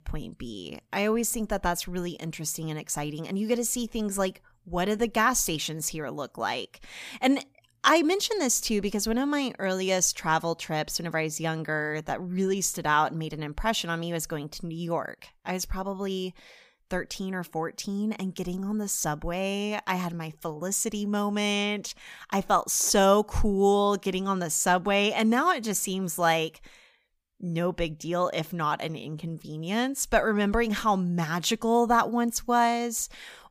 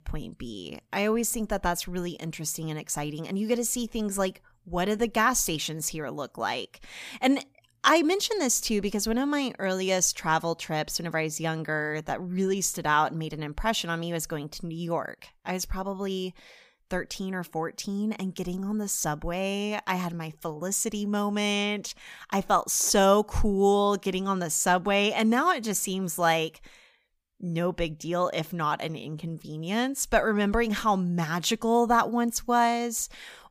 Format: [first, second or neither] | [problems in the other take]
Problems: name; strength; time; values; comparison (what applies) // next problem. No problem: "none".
neither | none